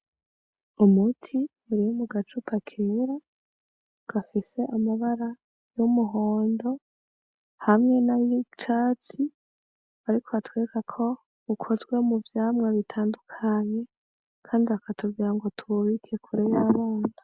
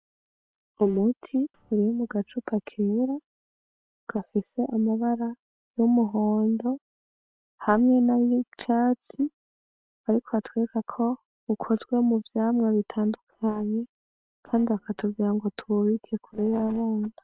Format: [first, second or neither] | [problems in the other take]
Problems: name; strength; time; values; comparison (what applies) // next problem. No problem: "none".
first | noise reduction (neural separator model SepFormer WHAM!)